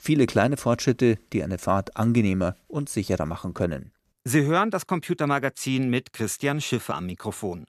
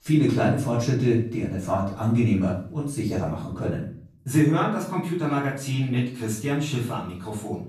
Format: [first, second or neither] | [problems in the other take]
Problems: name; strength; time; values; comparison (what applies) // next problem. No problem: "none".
first | off-mic speech; far // room echo; noticeable; dies away in 0.5 s